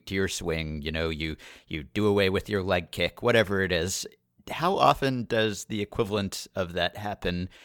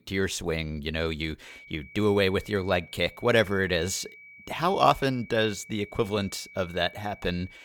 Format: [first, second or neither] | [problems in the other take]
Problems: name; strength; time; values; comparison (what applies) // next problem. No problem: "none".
first | high-pitched whine; faint; from 1.5 s on; 2.5 kHz, 20 dB below the speech